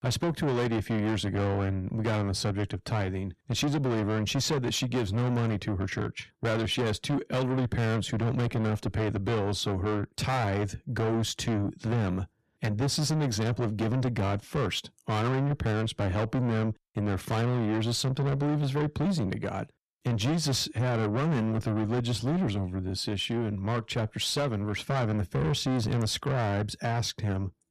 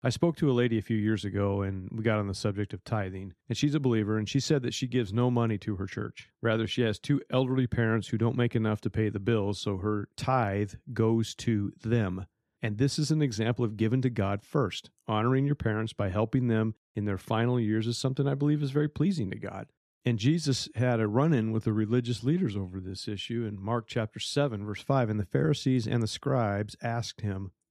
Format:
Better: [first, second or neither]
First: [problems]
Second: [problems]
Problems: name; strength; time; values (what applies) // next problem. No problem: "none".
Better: second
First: distortion; heavy; 6 dB below the speech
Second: none